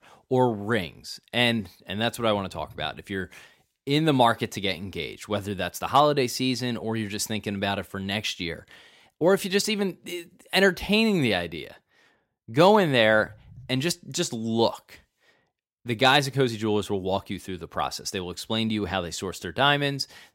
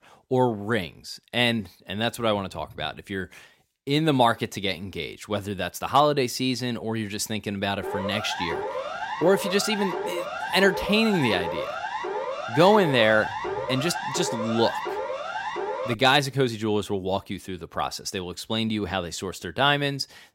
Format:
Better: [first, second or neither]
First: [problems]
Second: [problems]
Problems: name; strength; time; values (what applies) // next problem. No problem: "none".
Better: first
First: none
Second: siren; noticeable; from 8 to 16 s; peak 5 dB below the speech